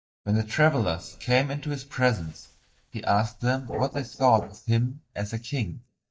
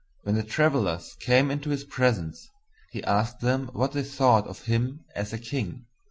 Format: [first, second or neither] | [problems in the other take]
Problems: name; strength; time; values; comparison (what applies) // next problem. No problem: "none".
second | noise reduction (neural mask model DeepFilterNet 3)